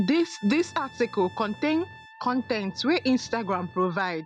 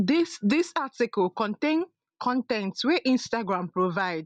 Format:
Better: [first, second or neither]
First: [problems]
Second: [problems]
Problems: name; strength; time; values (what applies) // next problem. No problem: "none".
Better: second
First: background sound (Bass guitar + Brass instrument); 20 dB below the speech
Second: none